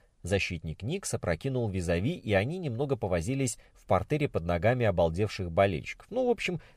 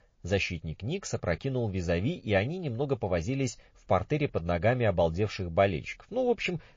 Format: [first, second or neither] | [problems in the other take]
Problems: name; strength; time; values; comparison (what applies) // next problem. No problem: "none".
first | garbled, watery; slightly